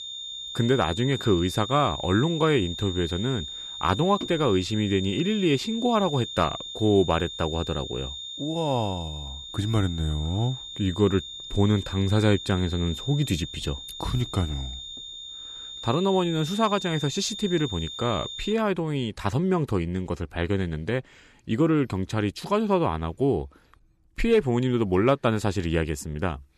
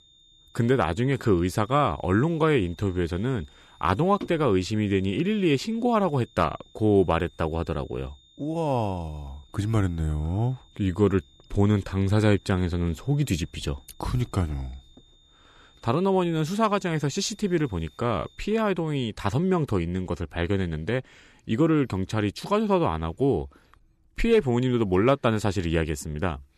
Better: second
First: high-pitched whine; loud; until 19 s; 3.5 kHz, 9 dB below the speech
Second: high-pitched whine; faint; until 19 s; 3.5 kHz, 30 dB below the speech

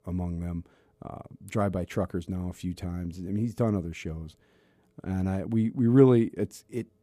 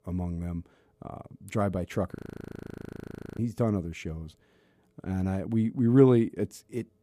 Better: first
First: none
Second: audio freezing; at 2 s for 1 s

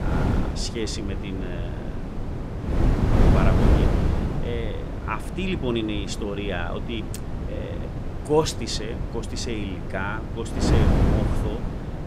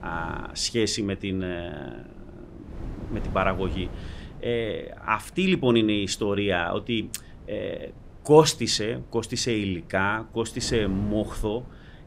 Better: second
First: wind noise on the microphone; heavy; 2 dB below the speech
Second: wind noise on the microphone; occasional gusts; 25 dB below the speech

